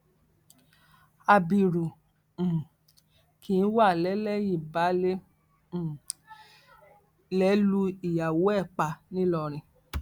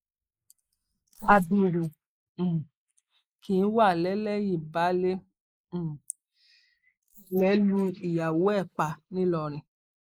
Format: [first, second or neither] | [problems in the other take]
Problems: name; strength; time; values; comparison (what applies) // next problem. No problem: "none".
first | noise reduction (neural mask model Resemble Enhance denoiser)